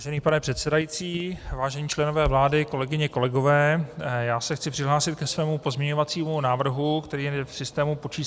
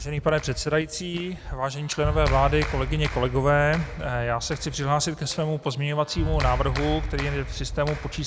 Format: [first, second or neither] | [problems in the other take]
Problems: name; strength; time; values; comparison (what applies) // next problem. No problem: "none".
first | background sound (Clapping); 6 dB below the speech